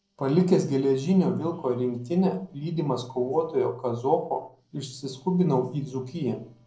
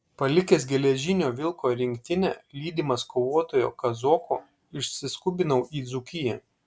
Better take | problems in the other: second | noise reduction (neural separator model SepFormer DNS4)

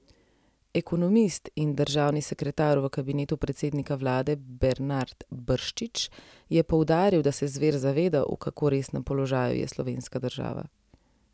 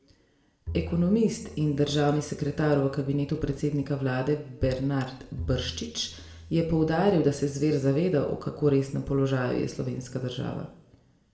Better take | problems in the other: first | background sound (Bowed string instrument); 16 dB below the speech // room echo; dies away in 0.7 s

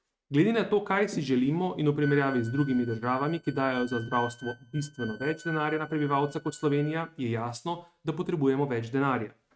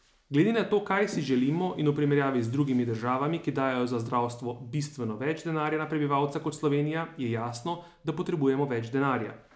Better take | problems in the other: second | noise reduction (neural mask model RNNoise)

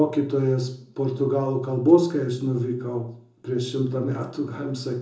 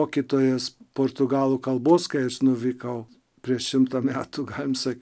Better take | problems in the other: second | room echo; dies away in 0.6 s

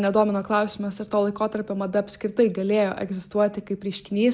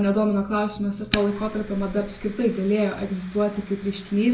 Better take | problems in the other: first | background sound (Fire); 15 dB below the speech // room echo; dies away in 0.3 s

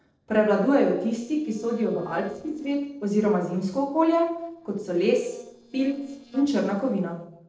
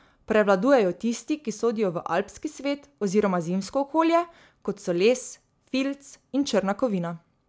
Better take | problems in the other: second | noise reduction (neural separator model SepFormer DNS4)

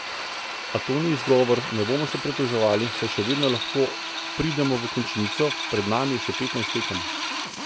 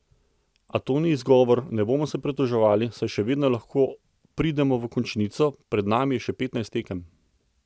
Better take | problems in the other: second | background sound (Drill); 5 dB below the speech

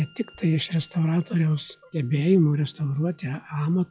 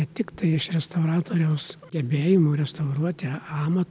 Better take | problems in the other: second | noise reduction (classical method log-MMSE)

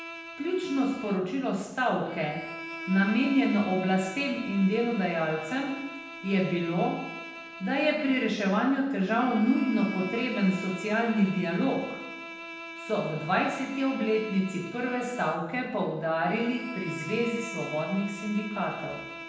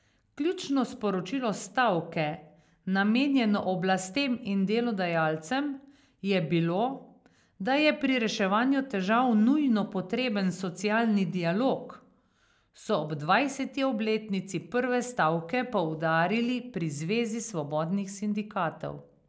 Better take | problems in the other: second | background sound (Bowed string instrument); 12 dB below the speech // room echo; dies away in 0.9 s

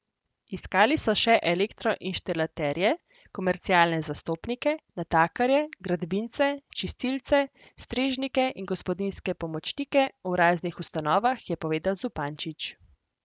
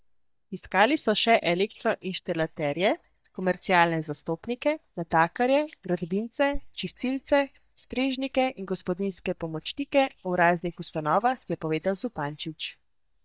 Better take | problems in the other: first | noise reduction (neural mask model DeepFilterNet 3)

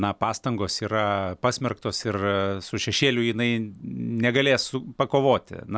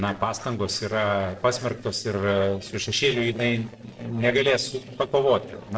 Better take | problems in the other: first | noise reduction (neural separator model SepFormer DNS4)

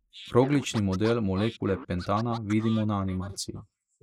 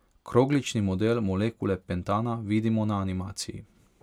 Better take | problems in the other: second | noise reduction (neural mask model Resemble Enhance denoiser)

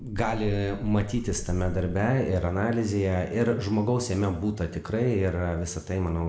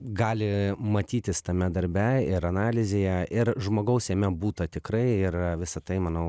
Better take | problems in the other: second | background sound (Meow); 9 dB below the speech // room echo; dies away in 0.6 s

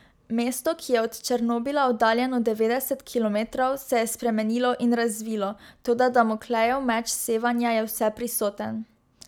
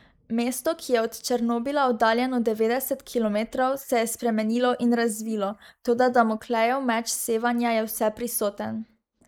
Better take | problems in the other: first | noise reduction (neural mask model Resemble Enhance denoiser)

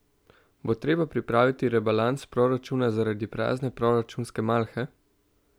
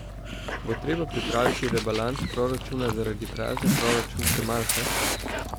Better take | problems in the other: first | background sound (Dog); as loud as the speech

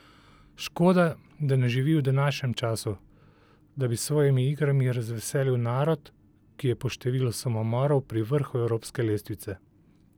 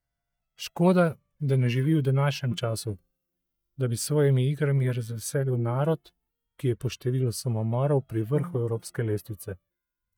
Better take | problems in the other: first | noise reduction (neural mask model DeepFilterNet 3)

